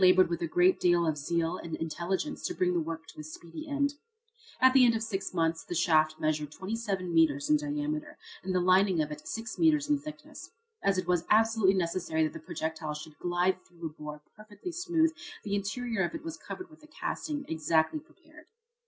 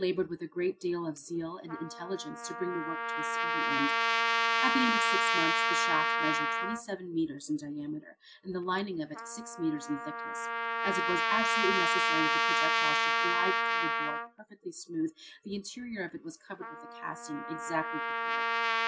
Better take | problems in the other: first | background sound (Trumpet); 5 dB above the speech

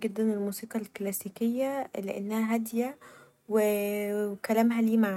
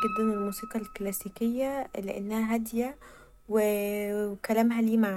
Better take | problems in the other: first | background sound (Piano); 14 dB below the speech

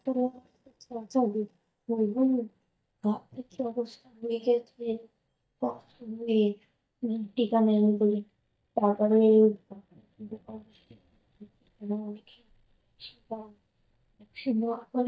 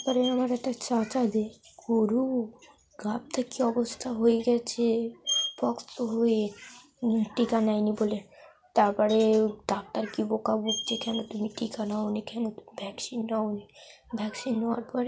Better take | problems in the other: second | noise reduction (neural mask model DeepFilterNet 3)

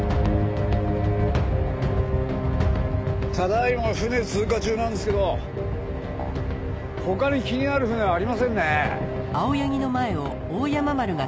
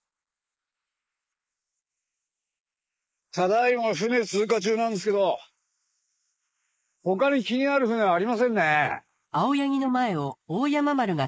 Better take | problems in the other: first | noise reduction (neural mask model Resemble Enhance denoiser)

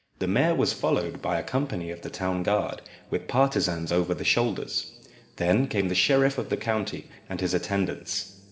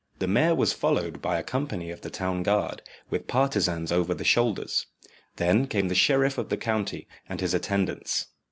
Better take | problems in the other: second | room echo; dies away in 3 s

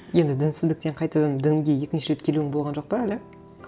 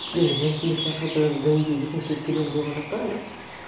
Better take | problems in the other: first | background sound (Bird); 10 dB below the speech // room echo; dies away in 0.8 s

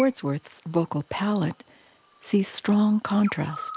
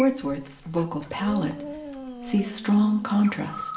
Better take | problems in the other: first | background sound (Dog); 13 dB below the speech // room echo; dies away in 0.7 s

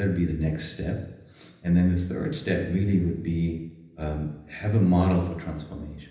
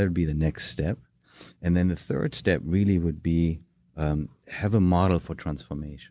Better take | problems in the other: second | room echo; dies away in 0.9 s

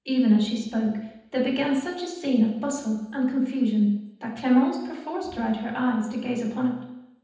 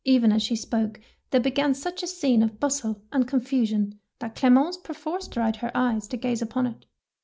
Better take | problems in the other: second | room echo; dies away in 0.9 s

